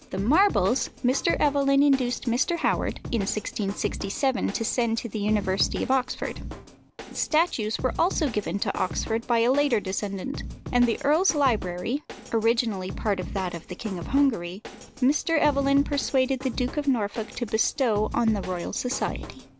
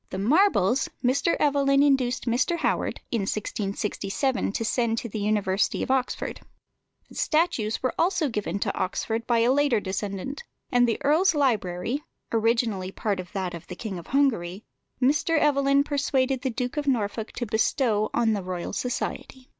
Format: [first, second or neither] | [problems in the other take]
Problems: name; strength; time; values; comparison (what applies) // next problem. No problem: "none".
second | background sound (Drum kit); 12 dB below the speech